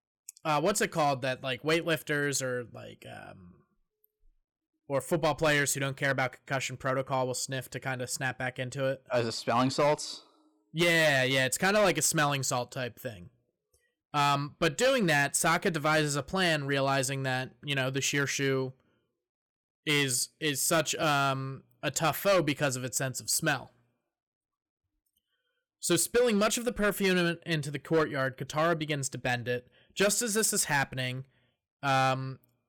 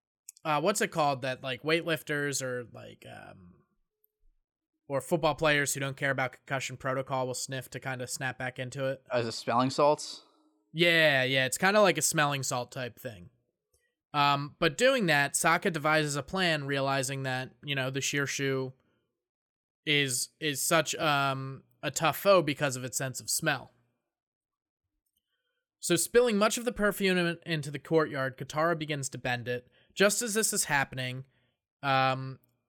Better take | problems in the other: second | distortion; slight; 4% of the sound clipped

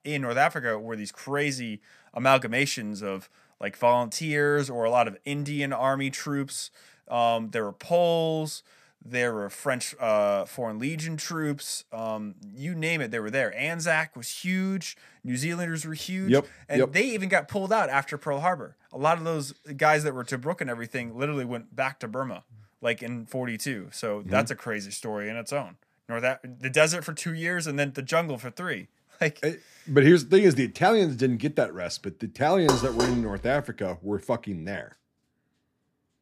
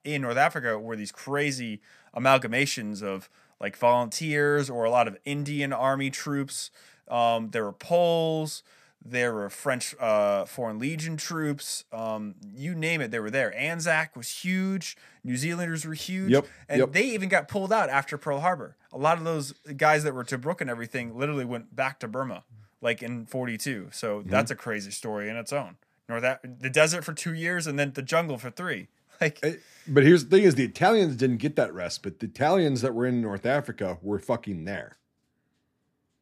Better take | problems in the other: second | clattering dishes; loud; at 33 s; peak 1 dB above the speech

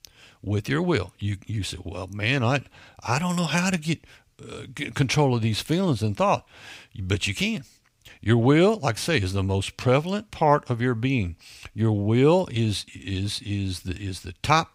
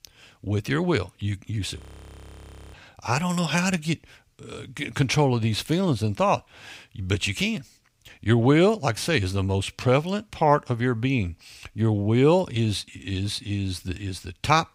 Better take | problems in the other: first | audio freezing; at 2 s for 1 s

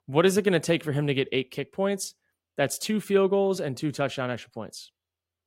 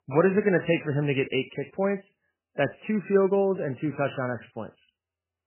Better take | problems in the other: first | garbled, watery; badly; nothing above 3 kHz

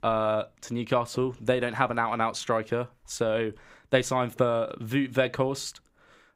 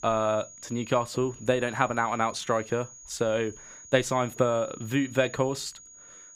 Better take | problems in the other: first | high-pitched whine; noticeable; throughout; 6.5 kHz, 15 dB below the speech

